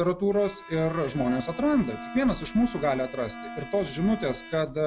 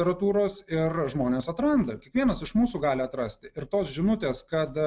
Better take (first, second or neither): second